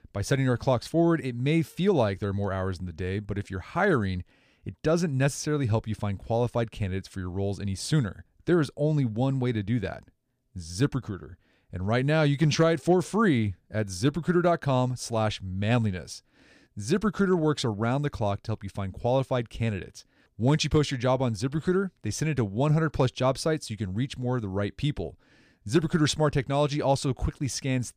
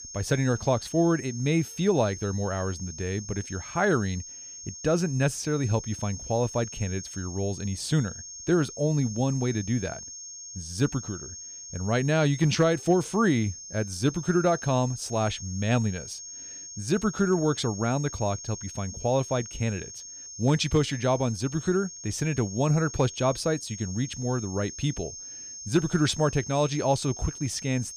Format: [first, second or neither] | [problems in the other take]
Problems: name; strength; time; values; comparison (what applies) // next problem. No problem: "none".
first | high-pitched whine; noticeable; throughout; 6.5 kHz, 10 dB below the speech